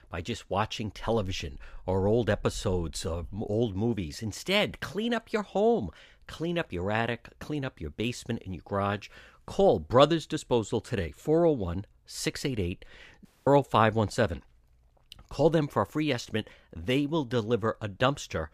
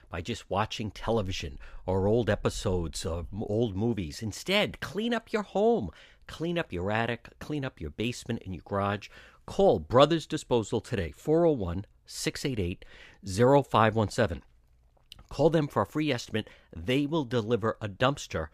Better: second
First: audio cutting out; at 13 s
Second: none

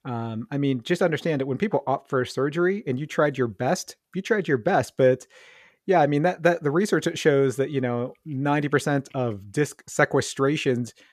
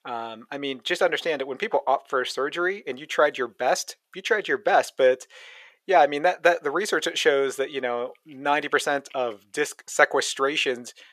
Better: first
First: none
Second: thin; very; fading below 600 Hz

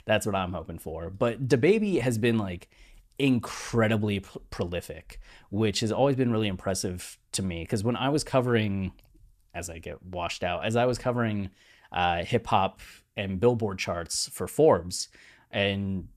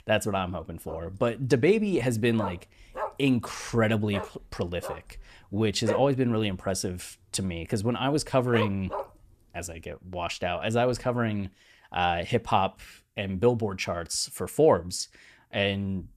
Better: first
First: none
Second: dog barking; noticeable; from 1 to 9 s; peak 4 dB below the speech

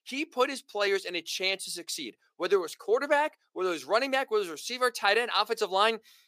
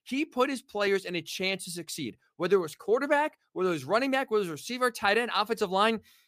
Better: second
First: thin; somewhat; fading below 450 Hz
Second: none

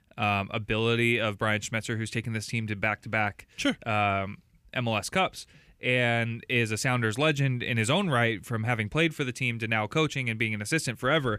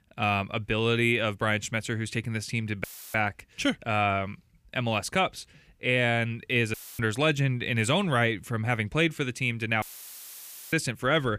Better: first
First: none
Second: audio cutting out; filled with static; at 3 s, at 6.5 s and at 10 s for 1 s

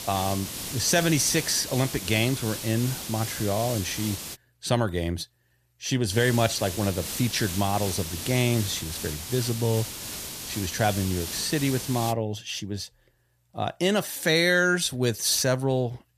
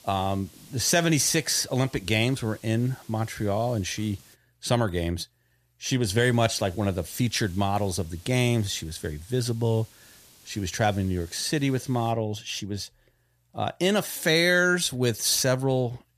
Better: second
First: hiss; loud; until 4.5 s and from 6 to 12 s; 7 dB below the speech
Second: hiss; faint; until 4.5 s and from 6 to 12 s; 25 dB below the speech

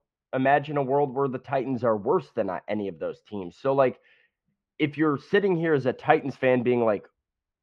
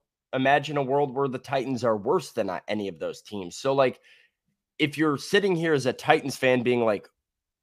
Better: second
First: muffled; very; fading above 2 kHz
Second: none

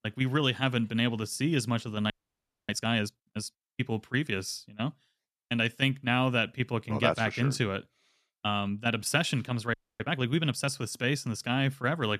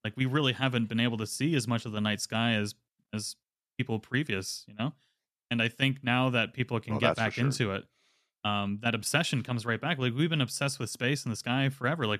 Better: second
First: audio freezing; at 2 s for 0.5 s and at 9.5 s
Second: none

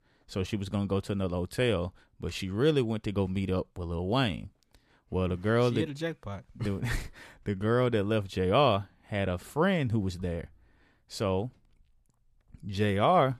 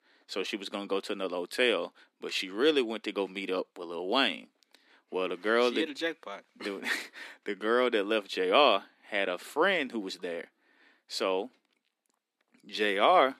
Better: first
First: none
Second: thin; somewhat; fading below 250 Hz

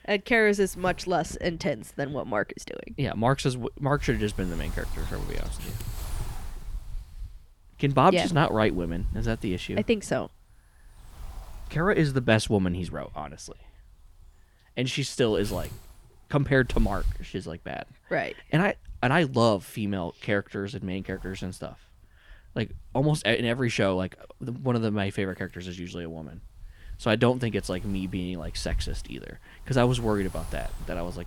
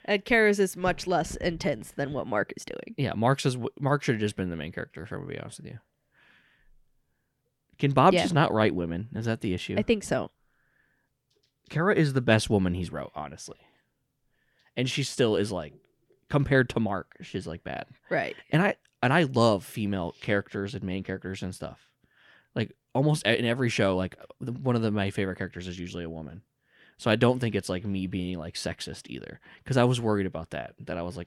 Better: second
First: wind noise on the microphone; occasional gusts; 20 dB below the speech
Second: none

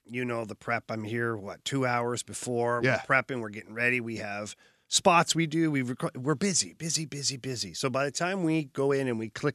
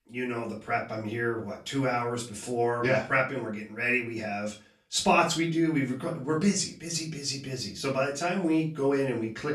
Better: first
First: none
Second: off-mic speech; far // room echo; slight; dies away in 0.3 s

